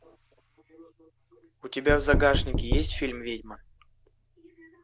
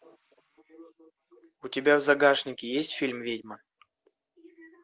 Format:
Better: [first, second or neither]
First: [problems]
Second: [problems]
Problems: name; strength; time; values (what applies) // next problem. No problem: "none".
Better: second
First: background sound (Knock); 1 dB below the speech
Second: none